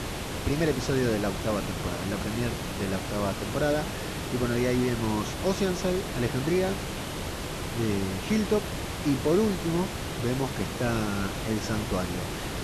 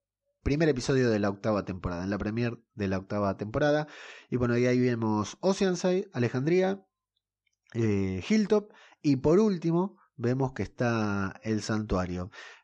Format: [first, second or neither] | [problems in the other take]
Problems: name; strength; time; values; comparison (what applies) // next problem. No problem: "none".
second | hiss; loud; throughout; 4 dB below the speech